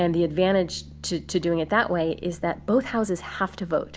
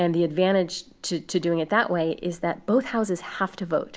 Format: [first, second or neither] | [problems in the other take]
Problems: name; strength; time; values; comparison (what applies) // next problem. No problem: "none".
second | background sound (Bass guitar); 20 dB below the speech